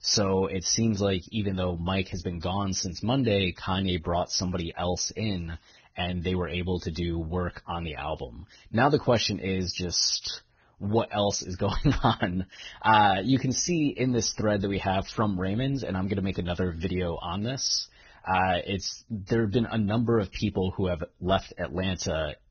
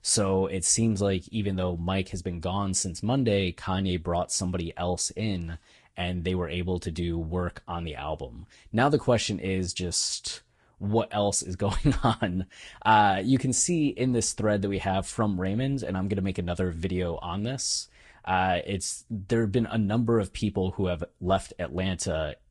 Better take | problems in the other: second | garbled, watery; badly; nothing above 6.5 kHz; slightly in the second

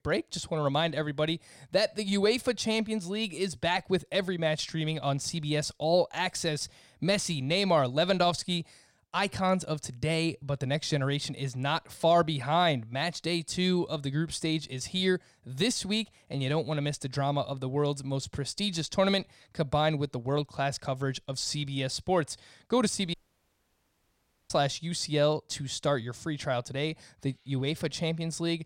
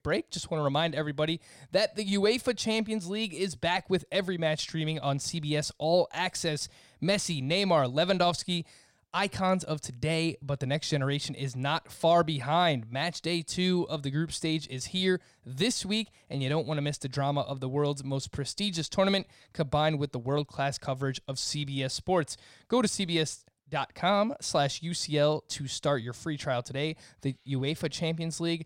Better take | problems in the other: second | audio cutting out; at 23 s for 1.5 s

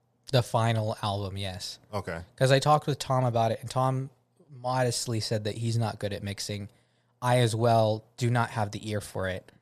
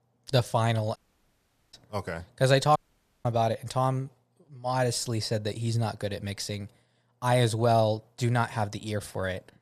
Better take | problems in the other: first | audio cutting out; at 1 s for 1 s and at 3 s

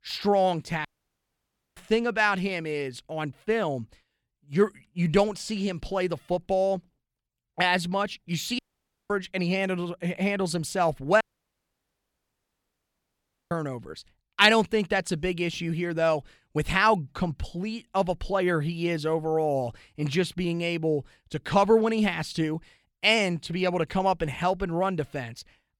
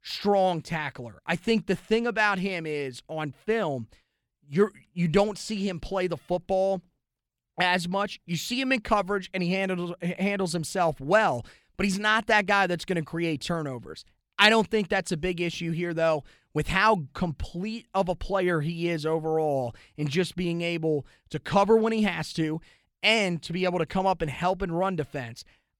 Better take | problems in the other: second | audio cutting out; at 1 s for 1 s, at 8.5 s for 0.5 s and at 11 s for 2.5 s

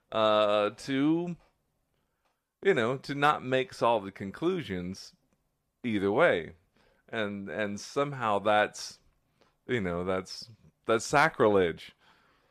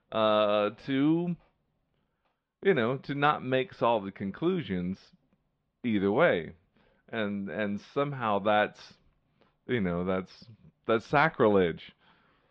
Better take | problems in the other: first | muffled; slightly; fading above 3.5 kHz

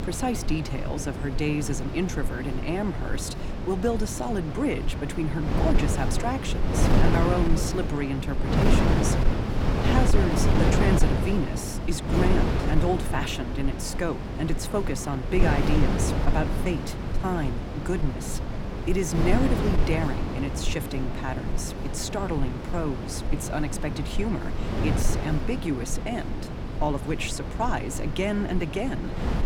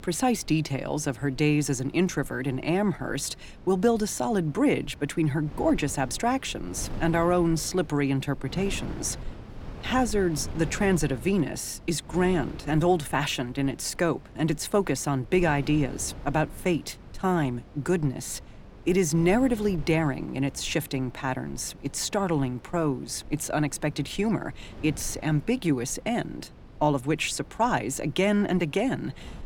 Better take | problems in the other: second | wind noise on the microphone; heavy; 2 dB below the speech; occasional gusts in the second

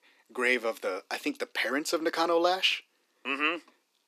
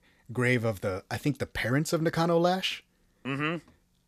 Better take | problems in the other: second | thin; somewhat; fading below 300 Hz

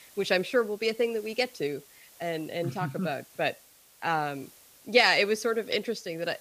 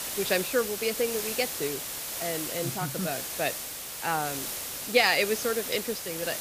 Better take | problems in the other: first | hiss; loud; throughout; 3 dB below the speech; faint in the first

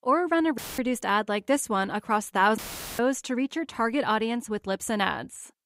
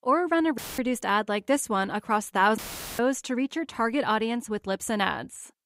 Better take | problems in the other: neither | audio cutting out; filled with static; at 0.5 s and at 2.5 s; the same in both

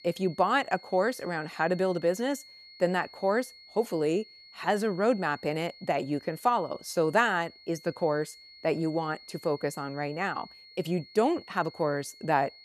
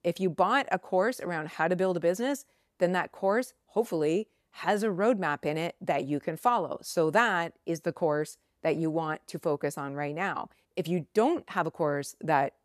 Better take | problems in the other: second | high-pitched whine; noticeable; throughout; 4.5 kHz, 20 dB below the speech

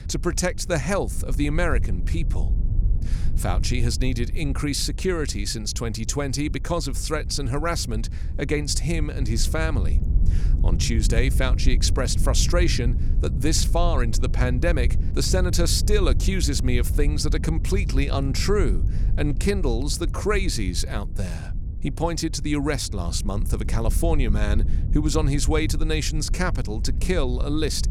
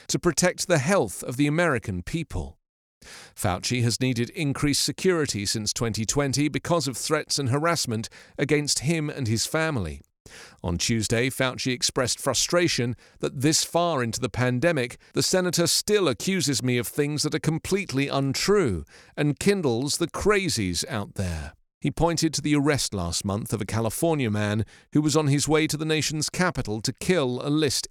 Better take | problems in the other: second | wind noise on the microphone; occasional gusts; 15 dB below the speech

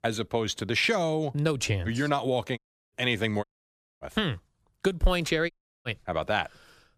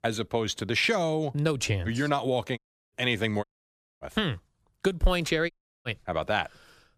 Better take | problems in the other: neither | audio cutting out; at 2.5 s, at 3.5 s for 0.5 s and at 5.5 s; the same in both

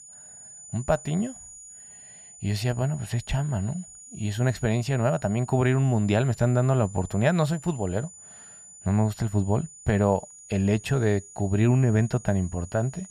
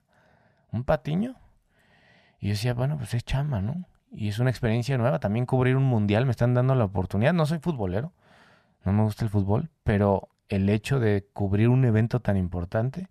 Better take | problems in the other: second | high-pitched whine; noticeable; throughout; 7 kHz, 20 dB below the speech

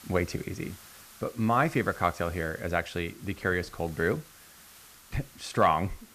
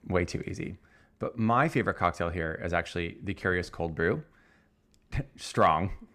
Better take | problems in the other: second | hiss; faint; throughout; 20 dB below the speech

